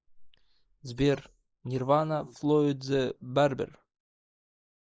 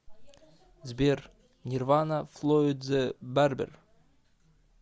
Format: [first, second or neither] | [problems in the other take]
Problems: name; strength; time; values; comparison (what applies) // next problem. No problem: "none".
second | noise reduction (neural mask model Resemble Enhance denoiser)